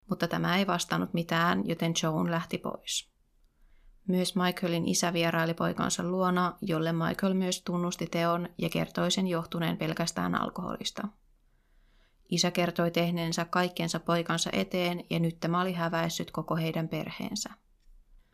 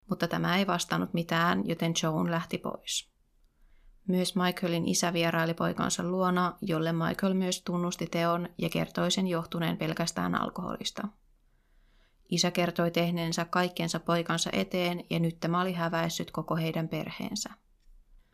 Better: neither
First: none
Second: none

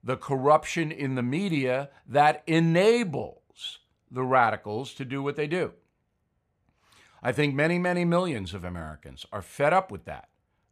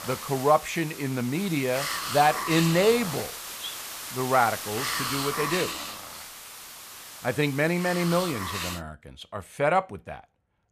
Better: first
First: none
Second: hiss; loud; until 9 s; 7 dB below the speech

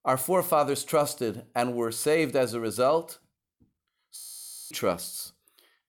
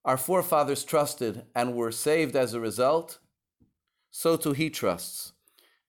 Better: second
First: audio freezing; at 4 s for 0.5 s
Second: none

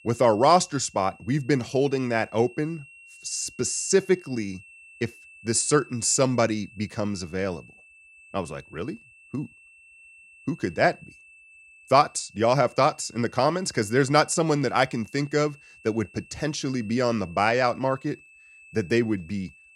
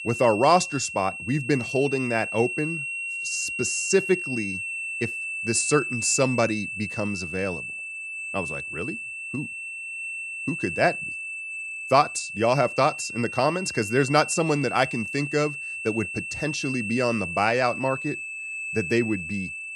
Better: first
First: high-pitched whine; faint; throughout; 2.5 kHz, 25 dB below the speech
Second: high-pitched whine; loud; throughout; 2.5 kHz, 5 dB below the speech

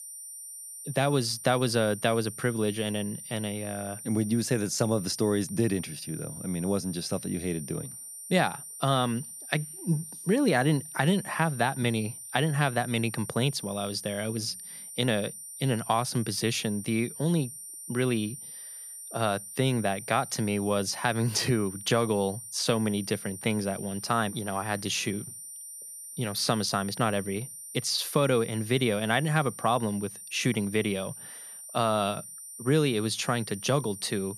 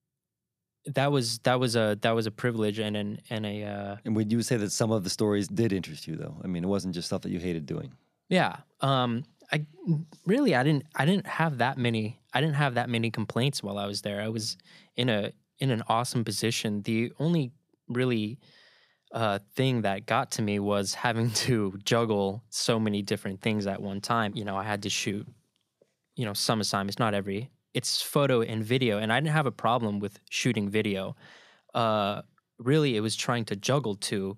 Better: second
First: high-pitched whine; noticeable; throughout; 9 kHz, 10 dB below the speech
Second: none

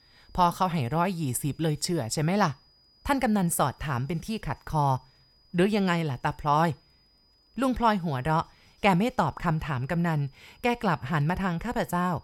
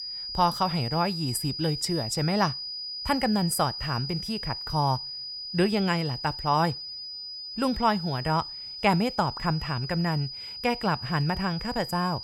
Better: first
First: high-pitched whine; faint; throughout; 5 kHz, 35 dB below the speech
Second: high-pitched whine; loud; throughout; 5 kHz, 6 dB below the speech

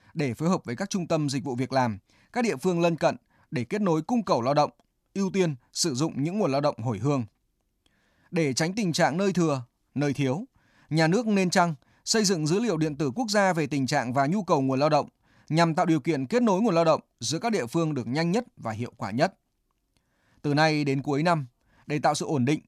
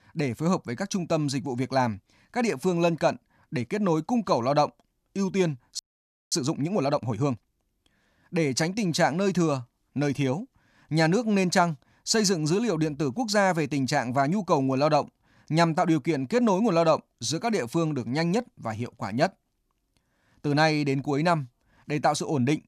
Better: first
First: none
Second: audio freezing; at 6 s for 0.5 s

